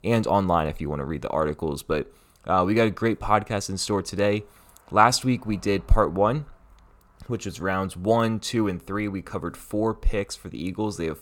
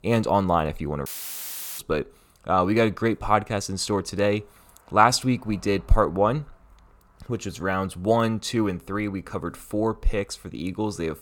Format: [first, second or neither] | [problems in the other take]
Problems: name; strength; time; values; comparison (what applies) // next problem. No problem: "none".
first | audio cutting out; filled with static; at 1 s for 0.5 s